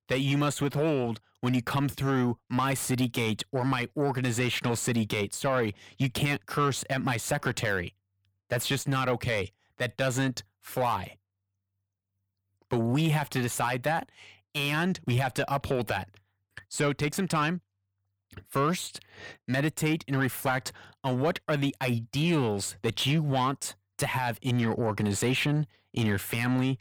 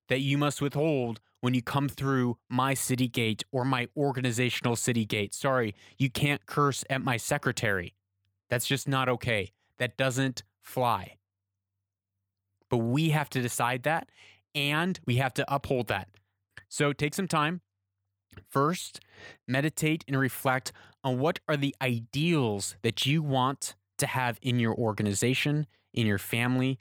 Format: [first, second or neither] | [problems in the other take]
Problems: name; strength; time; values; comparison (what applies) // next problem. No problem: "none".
second | distortion; slight; 10 dB below the speech